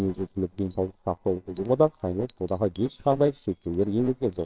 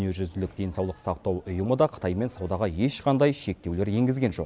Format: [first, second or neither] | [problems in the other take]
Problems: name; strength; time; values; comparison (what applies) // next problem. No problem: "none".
second | noise reduction (neural separator model SepFormer WHAMR!)